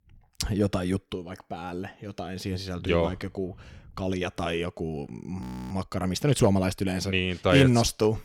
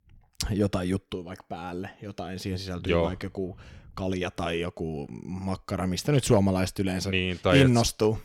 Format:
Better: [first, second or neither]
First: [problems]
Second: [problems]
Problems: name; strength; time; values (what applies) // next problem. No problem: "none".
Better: second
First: audio freezing; at 5.5 s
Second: none